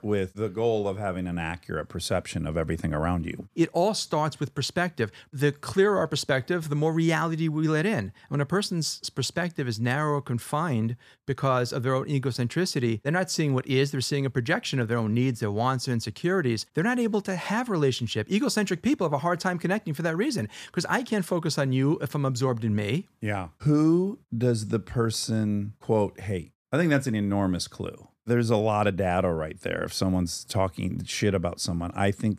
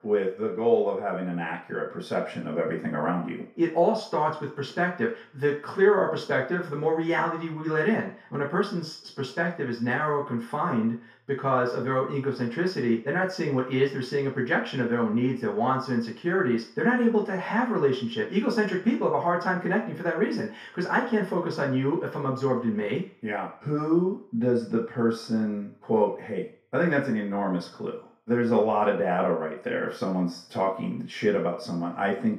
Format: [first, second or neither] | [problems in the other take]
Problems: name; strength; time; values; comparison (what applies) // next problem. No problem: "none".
first | room echo; slight; dies away in 0.5 s // off-mic speech; far